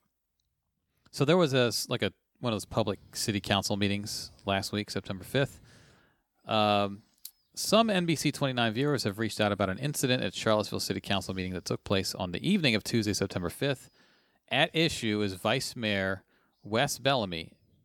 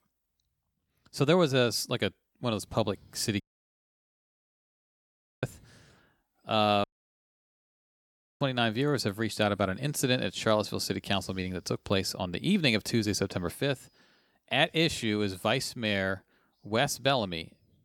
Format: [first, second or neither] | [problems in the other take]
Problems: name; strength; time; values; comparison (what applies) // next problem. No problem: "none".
first | audio cutting out; at 3.5 s for 2 s and at 7 s for 1.5 s